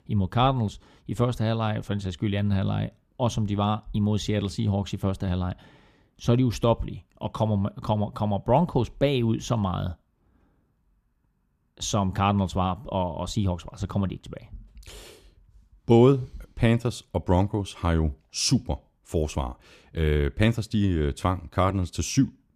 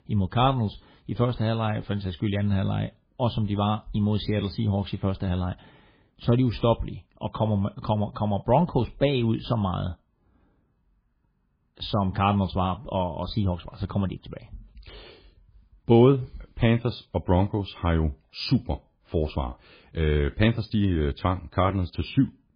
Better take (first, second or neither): first